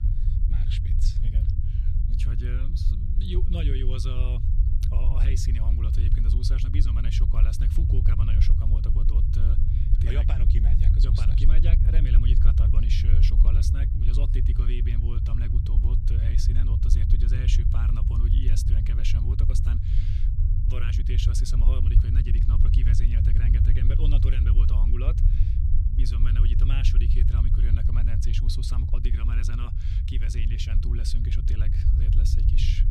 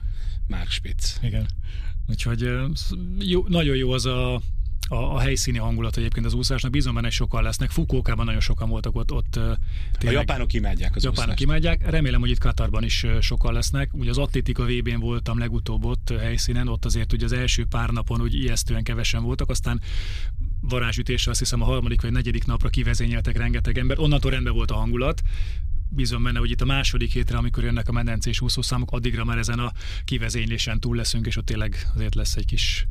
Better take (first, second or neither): second